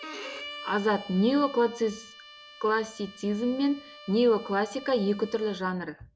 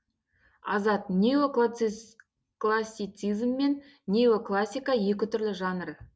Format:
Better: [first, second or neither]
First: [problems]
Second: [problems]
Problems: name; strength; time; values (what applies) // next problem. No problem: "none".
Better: second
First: background sound (Bowed string instrument); 17 dB below the speech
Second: none